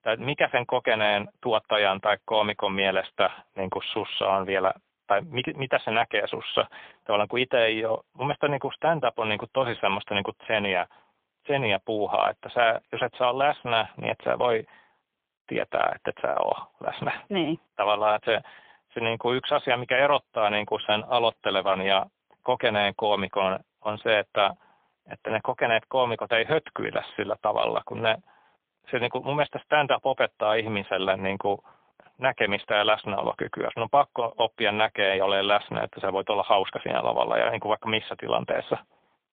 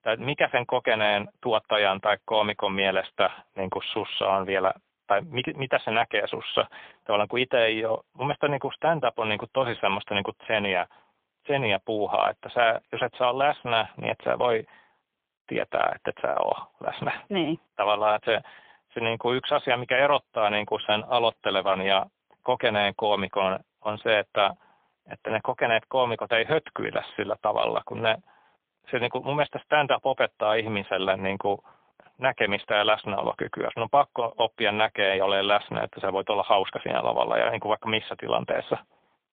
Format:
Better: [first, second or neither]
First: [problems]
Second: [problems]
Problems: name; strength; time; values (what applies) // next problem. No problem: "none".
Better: neither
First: phone-call audio; poor line; nothing above 3.5 kHz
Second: phone-call audio; poor line; nothing above 3.5 kHz